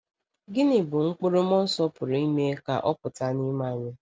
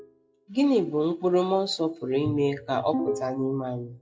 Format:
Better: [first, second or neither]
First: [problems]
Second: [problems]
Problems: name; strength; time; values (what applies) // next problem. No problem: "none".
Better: first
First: none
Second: noise reduction (classical method WPE with log-MMSE)